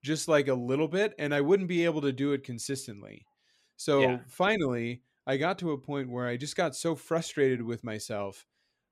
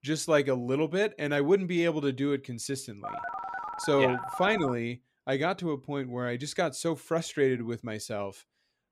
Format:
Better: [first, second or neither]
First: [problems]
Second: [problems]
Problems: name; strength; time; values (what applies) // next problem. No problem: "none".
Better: first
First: none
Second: phone ringing; noticeable; from 3 to 4.5 s; peak 7 dB below the speech